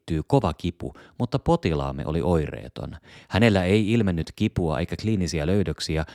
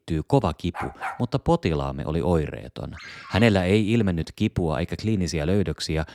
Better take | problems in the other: first | dog barking; noticeable; at 0.5 s; peak 8 dB below the speech // phone ringing; faint; at 3 s; peak 15 dB below the speech

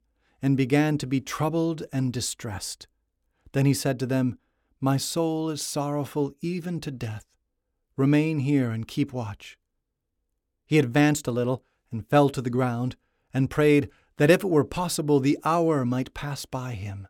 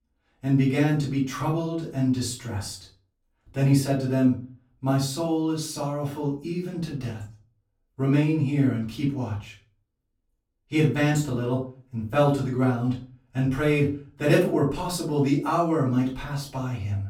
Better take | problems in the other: first | off-mic speech; far // room echo; slight; dies away in 0.3 s

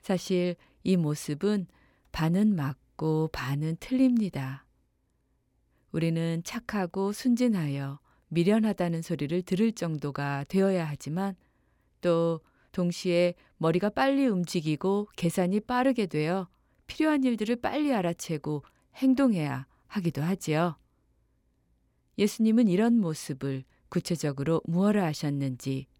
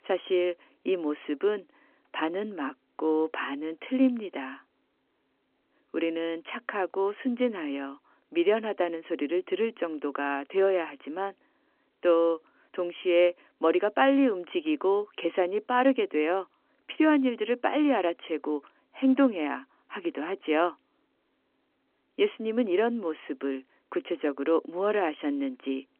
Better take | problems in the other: first | phone-call audio

